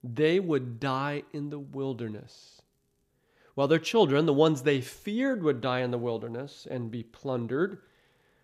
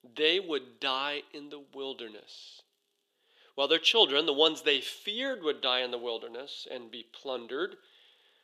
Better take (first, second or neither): first